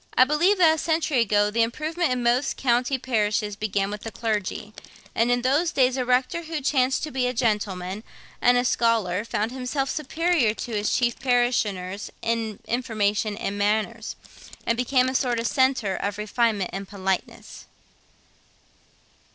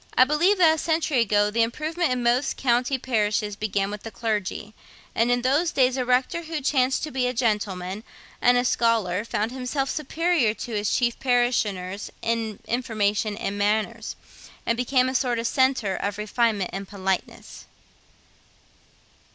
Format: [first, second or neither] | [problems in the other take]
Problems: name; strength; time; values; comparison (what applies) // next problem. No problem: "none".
second | noise reduction (neural separator model SepFormer DNS4)